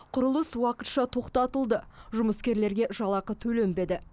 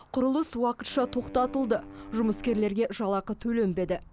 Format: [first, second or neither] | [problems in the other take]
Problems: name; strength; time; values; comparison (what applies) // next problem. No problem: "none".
first | background sound (Wind instrument, woodwind instrument); 17 dB below the speech